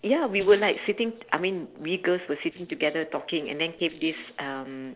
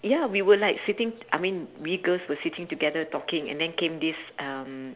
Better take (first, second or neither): second